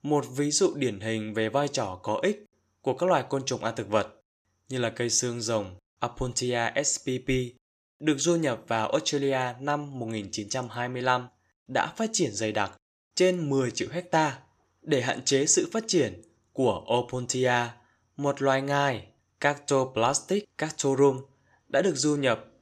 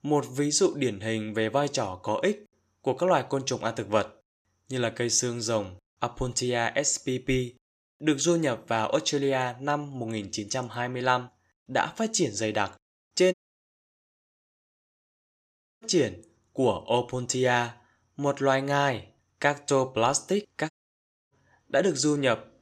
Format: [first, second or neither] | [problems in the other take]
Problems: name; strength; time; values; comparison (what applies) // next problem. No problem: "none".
first | audio cutting out; at 13 s for 2.5 s and at 21 s for 0.5 s